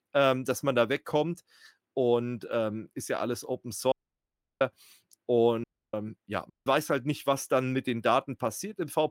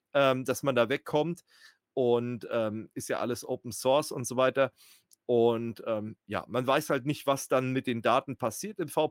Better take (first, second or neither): second